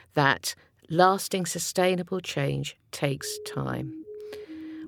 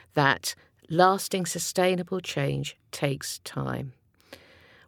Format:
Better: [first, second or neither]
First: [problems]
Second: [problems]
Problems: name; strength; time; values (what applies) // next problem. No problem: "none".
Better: second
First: siren; faint; from 3 s on; peak 15 dB below the speech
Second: none